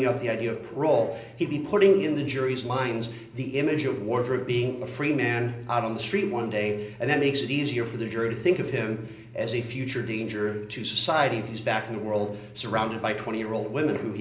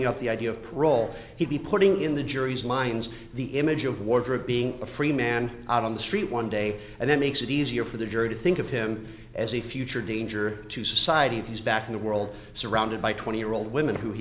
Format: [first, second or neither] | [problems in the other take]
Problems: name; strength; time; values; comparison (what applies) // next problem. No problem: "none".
second | room echo; dies away in 0.5 s